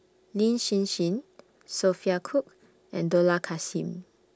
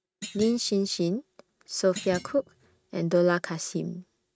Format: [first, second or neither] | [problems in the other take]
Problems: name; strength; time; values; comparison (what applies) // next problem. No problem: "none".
first | noise reduction (neural mask model RNNoise)